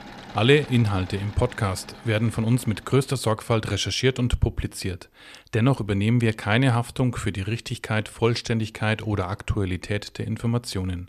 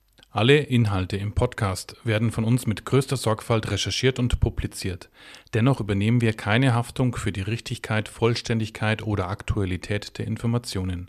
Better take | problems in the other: second | machinery noise; noticeable; throughout; 20 dB below the speech

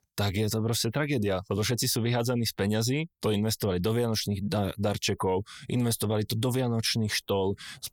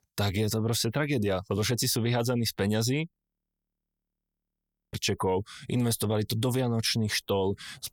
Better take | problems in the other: first | audio freezing; at 3 s for 2 s

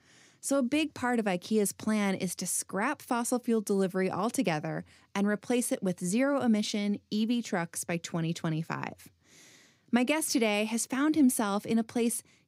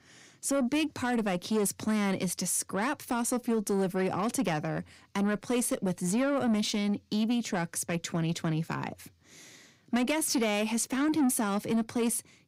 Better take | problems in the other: first | distortion; slight; 10 dB below the speech

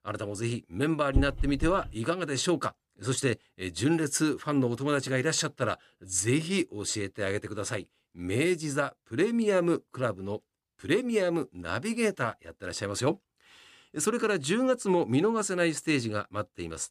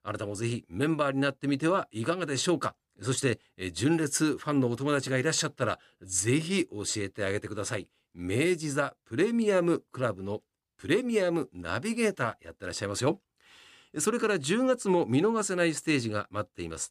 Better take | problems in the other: second | dog barking; noticeable; at 1 s; peak 2 dB below the speech

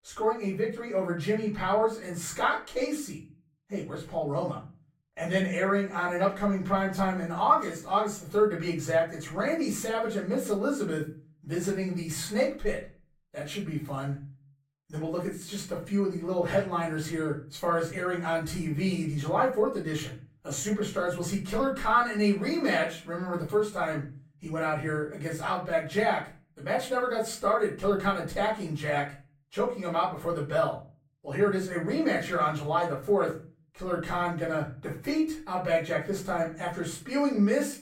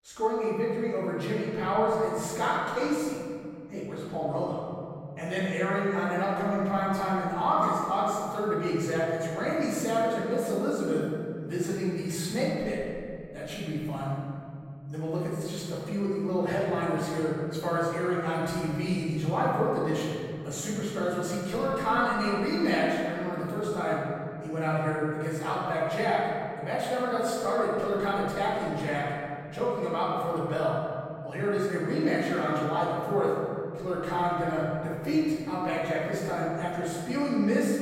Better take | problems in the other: first | room echo; strong; dies away in 2.6 s; slight in the first // off-mic speech; far; far in the first

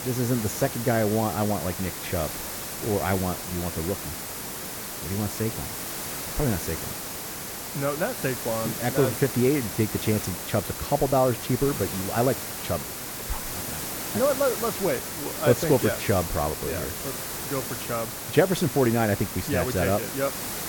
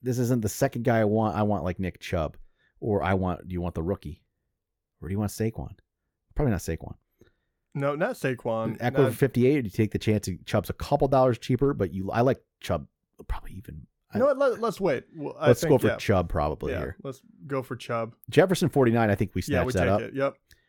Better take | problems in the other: second | hiss; loud; throughout; 5 dB below the speech

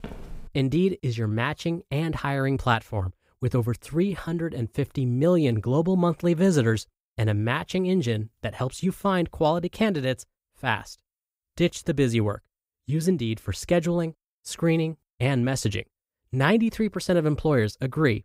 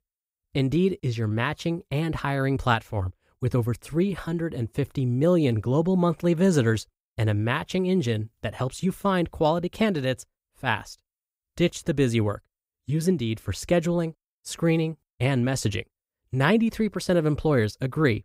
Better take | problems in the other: second | footsteps; faint; at the start; peak 15 dB below the speech

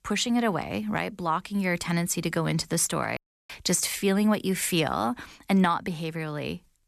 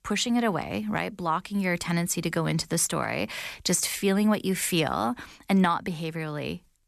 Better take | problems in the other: second | audio cutting out; at 3 s

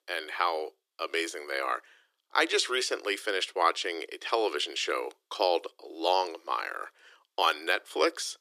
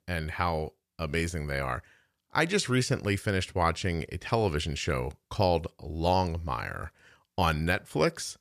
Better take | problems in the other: second | thin; very; fading below 300 Hz

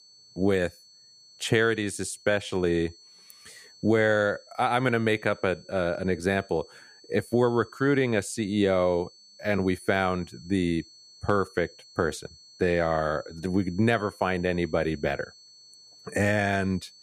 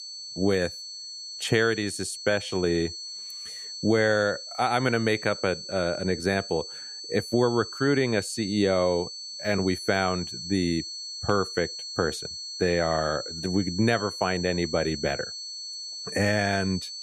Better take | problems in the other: first | high-pitched whine; loud; throughout; 4.5 kHz, 8 dB below the speech; faint in the first

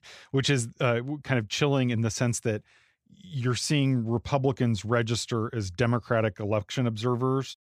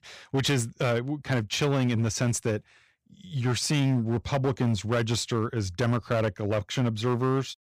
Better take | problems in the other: first | distortion; slight; 11% of the sound clipped

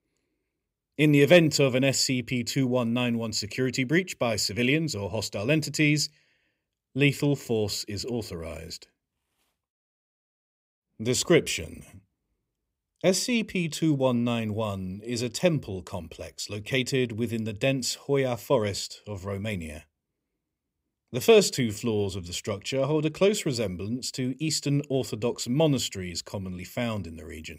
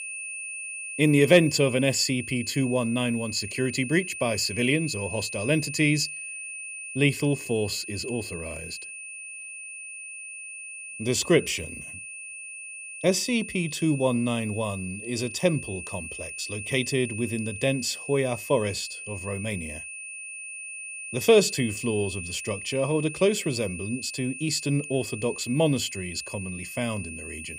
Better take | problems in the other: first | high-pitched whine; loud; throughout; 2.5 kHz, 9 dB below the speech

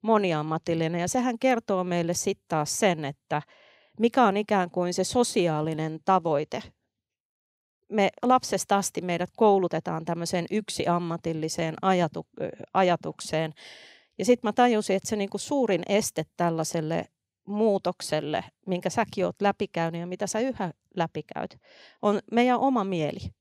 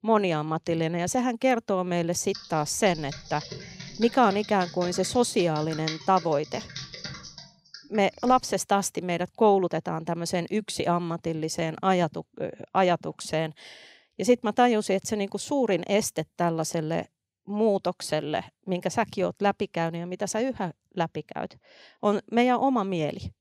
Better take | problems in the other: first | keyboard typing; noticeable; from 2.5 to 8.5 s; peak 8 dB below the speech

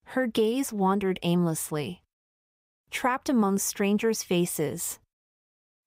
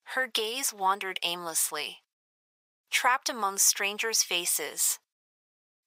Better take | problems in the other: first | thin; very; fading below 1 kHz

